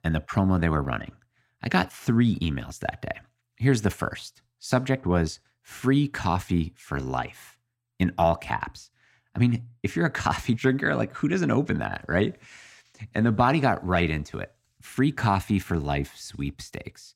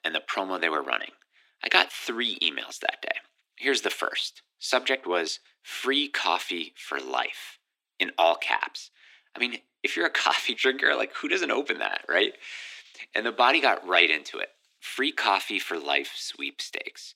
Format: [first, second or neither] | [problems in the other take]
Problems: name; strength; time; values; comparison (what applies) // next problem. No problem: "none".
first | thin; very; fading below 350 Hz